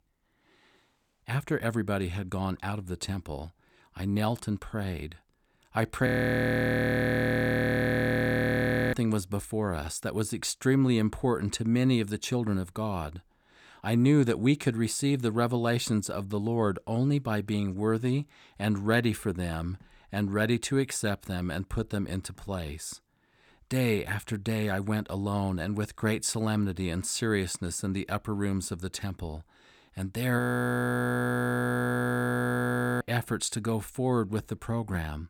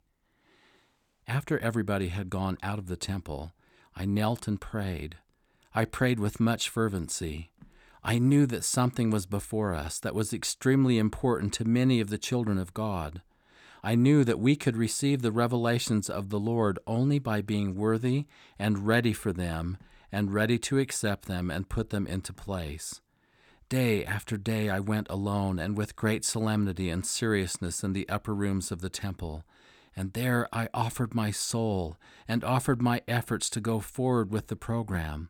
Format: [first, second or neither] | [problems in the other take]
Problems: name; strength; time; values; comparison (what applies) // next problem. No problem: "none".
second | audio freezing; at 6 s for 3 s and at 30 s for 2.5 s